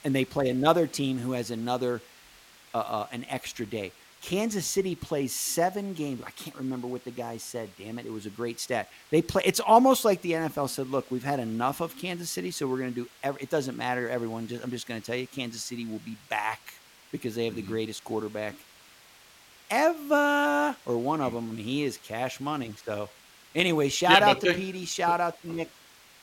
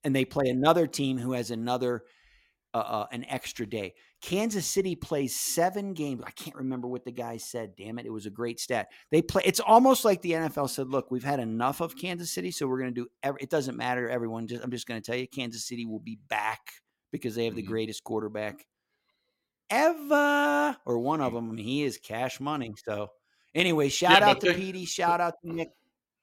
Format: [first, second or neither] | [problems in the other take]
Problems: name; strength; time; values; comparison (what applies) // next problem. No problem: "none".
second | hiss; faint; throughout; 25 dB below the speech